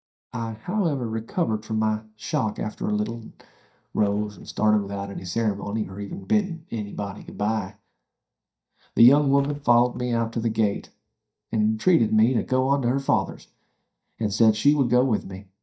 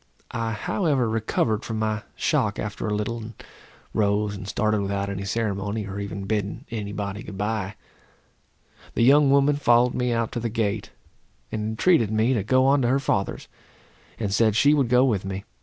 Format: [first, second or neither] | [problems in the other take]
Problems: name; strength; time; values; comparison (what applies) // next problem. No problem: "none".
second | noise reduction (neural mask model DeepFilterNet 3)